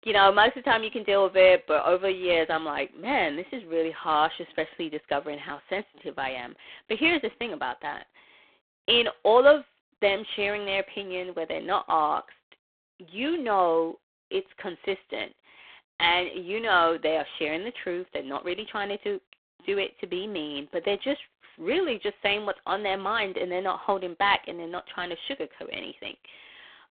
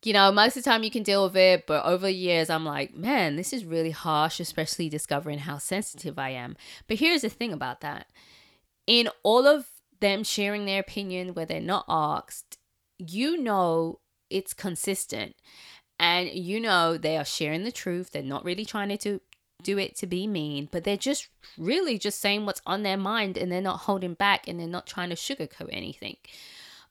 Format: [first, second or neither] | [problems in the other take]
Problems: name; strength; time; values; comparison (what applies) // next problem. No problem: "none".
second | phone-call audio; poor line